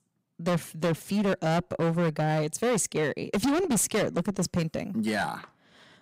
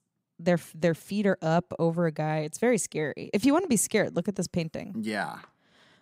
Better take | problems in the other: second | distortion; heavy; 16% of the sound clipped

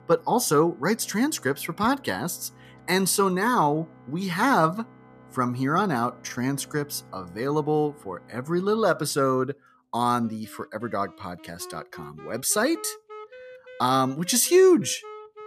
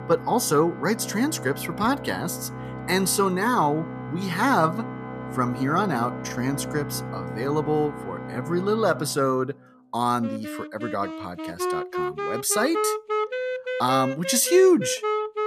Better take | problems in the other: first | background music; loud; throughout; 8 dB below the speech; faint in the first

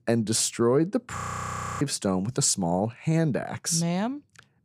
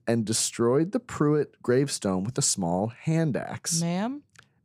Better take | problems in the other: second | audio freezing; at 1 s for 0.5 s

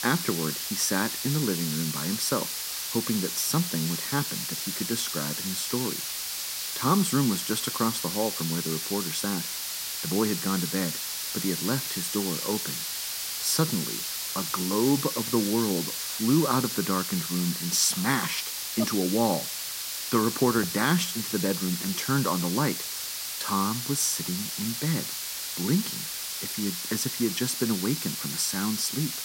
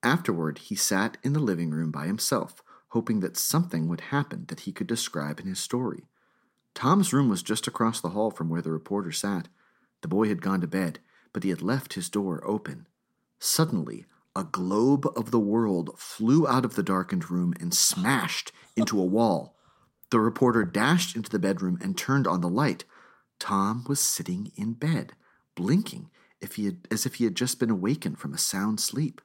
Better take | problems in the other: second | hiss; loud; throughout; 2 dB below the speech

